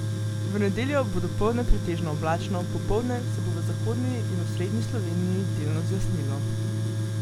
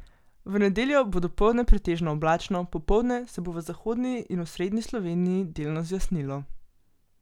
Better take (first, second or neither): second